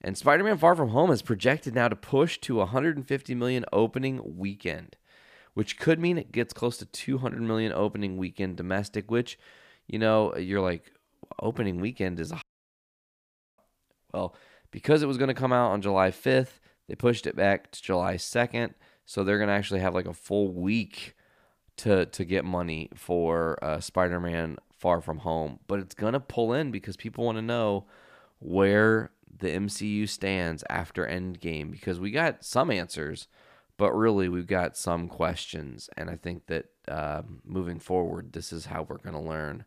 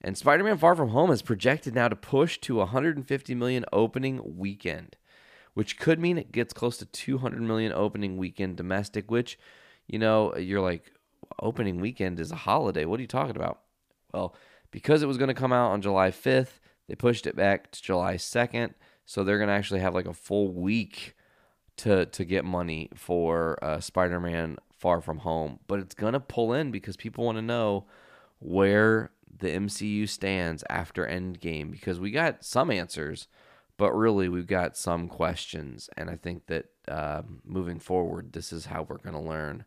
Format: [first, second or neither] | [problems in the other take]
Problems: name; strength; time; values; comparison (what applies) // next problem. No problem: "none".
second | audio cutting out; at 12 s for 1 s